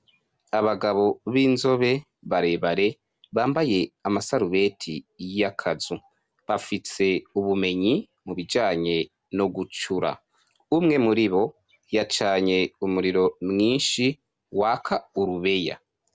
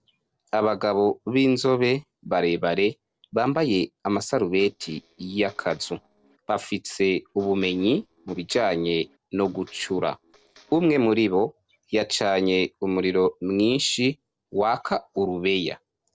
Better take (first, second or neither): first